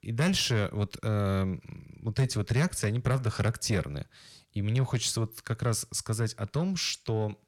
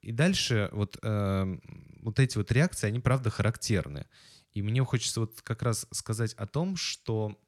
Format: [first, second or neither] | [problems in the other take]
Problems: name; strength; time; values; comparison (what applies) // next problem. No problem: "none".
second | distortion; slight; 10 dB below the speech